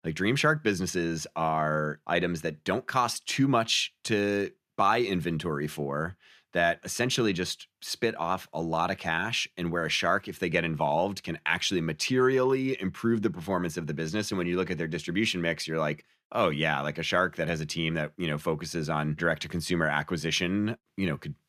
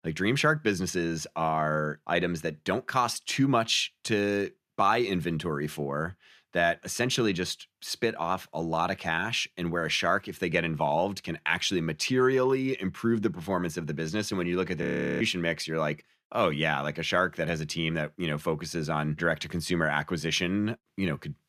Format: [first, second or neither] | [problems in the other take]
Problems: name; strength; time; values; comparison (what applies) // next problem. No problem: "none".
first | audio freezing; at 15 s